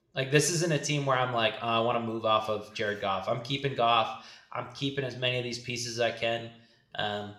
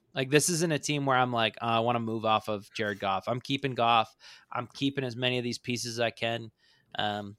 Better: second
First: room echo; slight; dies away in 0.6 s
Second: none

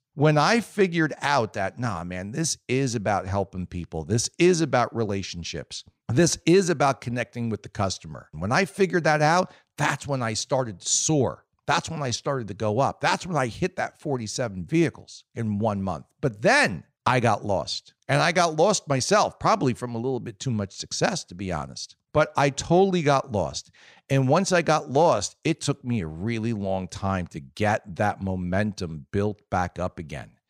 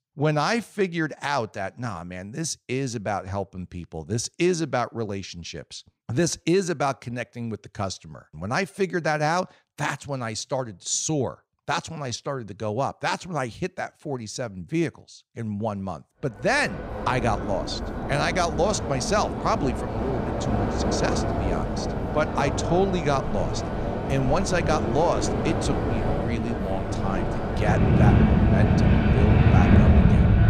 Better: first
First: none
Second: train or aircraft noise; very loud; from 17 s on; 4 dB above the speech

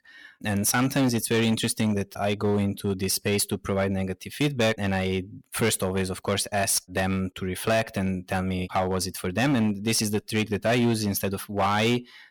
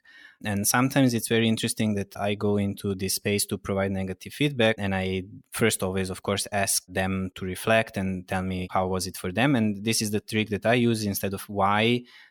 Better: second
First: distortion; slight; 7% of the sound clipped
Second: none

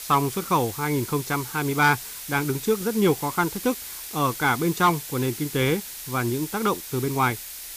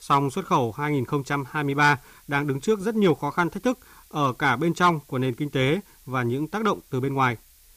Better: second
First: hiss; loud; throughout; 9 dB below the speech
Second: hiss; faint; throughout; 30 dB below the speech

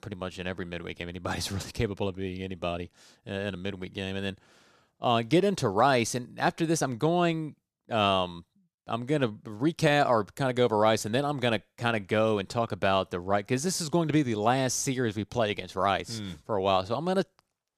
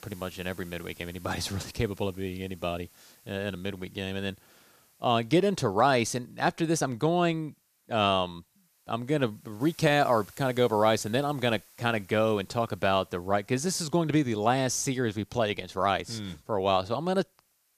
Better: first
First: none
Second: hiss; faint; throughout; 25 dB below the speech

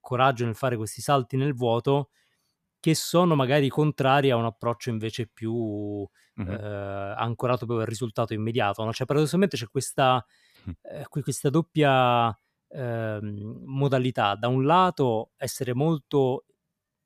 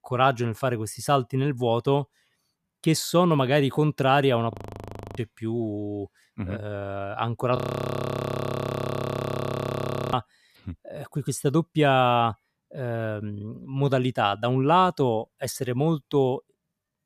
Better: first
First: none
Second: audio freezing; at 4.5 s for 0.5 s and at 7.5 s for 2.5 s

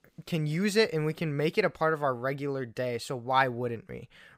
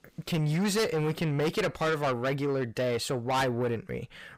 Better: first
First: none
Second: distortion; heavy; 6 dB below the speech

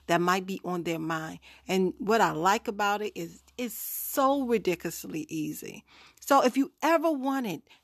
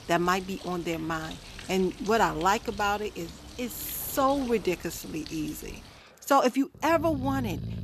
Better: first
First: none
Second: animal sounds; noticeable; throughout; 15 dB below the speech

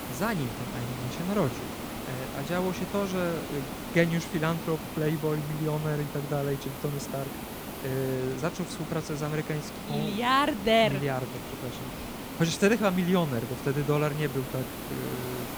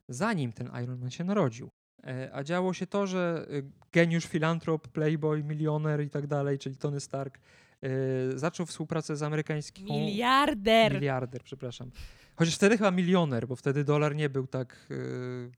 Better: second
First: hiss; loud; throughout; 8 dB below the speech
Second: none

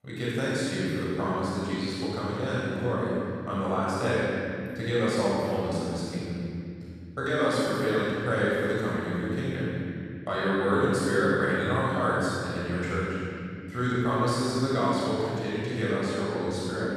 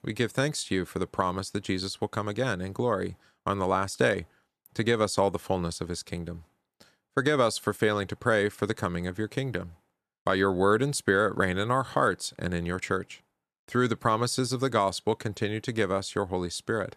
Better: second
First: room echo; strong; dies away in 2.8 s // off-mic speech; far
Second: none

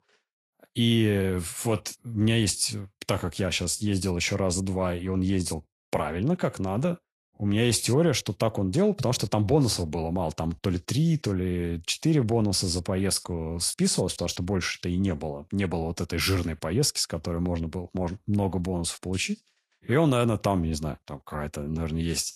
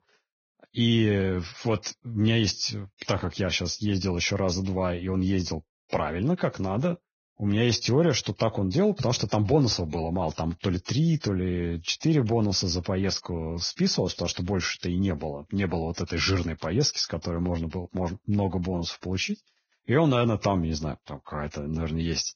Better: first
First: garbled, watery; slightly; nothing above 11.5 kHz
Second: garbled, watery; badly; nothing above 6.5 kHz

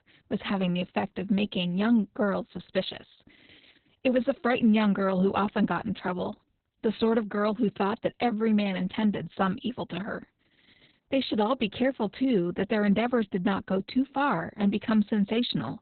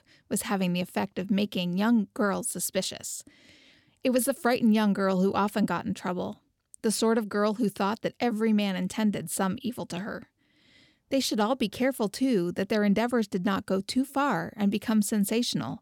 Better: second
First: garbled, watery; badly; nothing above 4 kHz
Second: none

